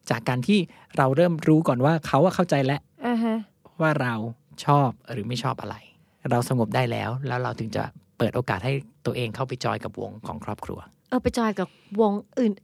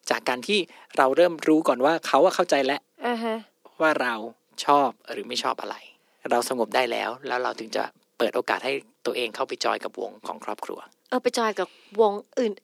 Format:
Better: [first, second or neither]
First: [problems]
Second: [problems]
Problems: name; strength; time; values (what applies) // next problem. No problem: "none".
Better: first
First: none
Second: thin; somewhat; fading below 300 Hz